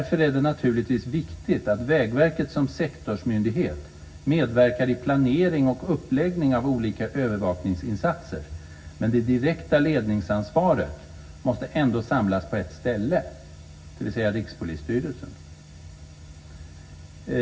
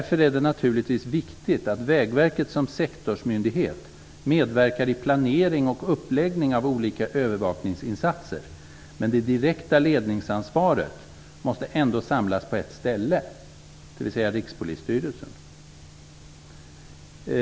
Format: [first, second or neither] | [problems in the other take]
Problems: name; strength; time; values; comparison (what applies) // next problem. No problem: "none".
second | room echo; dies away in 0.4 s